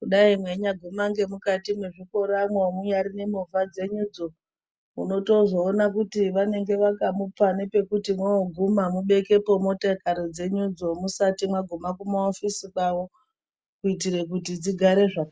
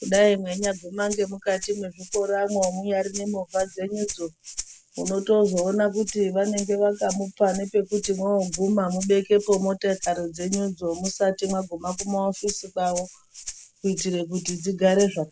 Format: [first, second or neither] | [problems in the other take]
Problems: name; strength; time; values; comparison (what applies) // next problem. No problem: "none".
first | background sound (Rattle (instrument)); 14 dB below the speech